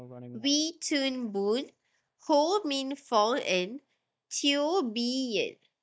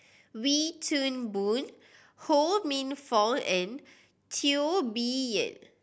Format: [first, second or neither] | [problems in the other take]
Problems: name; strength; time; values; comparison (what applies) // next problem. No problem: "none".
second | noise reduction (neural mask model DeepFilterNet 3)